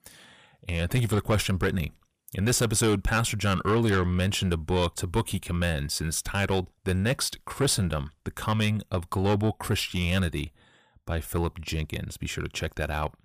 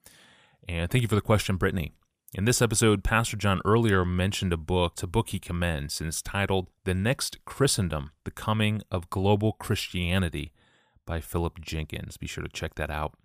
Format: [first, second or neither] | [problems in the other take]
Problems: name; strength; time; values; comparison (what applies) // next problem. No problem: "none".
second | distortion; slight; 10 dB below the speech